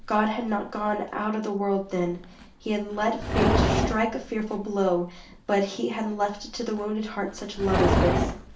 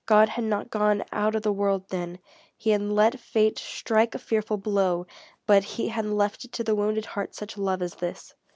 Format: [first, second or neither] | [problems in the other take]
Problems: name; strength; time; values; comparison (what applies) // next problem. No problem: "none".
second | background sound (Livestock, farm animals, working animals); 2 dB below the speech // room echo; dies away in 0.4 s